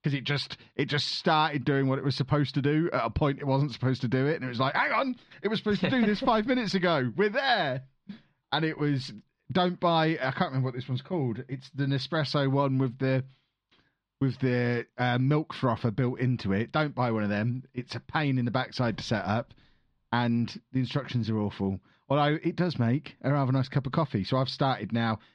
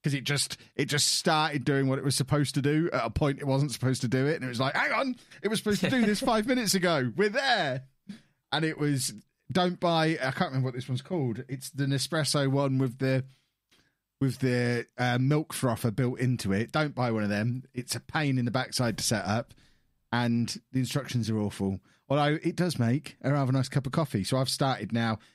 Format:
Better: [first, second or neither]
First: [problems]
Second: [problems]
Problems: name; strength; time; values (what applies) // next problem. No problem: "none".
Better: second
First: muffled; very slightly; fading above 4 kHz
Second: none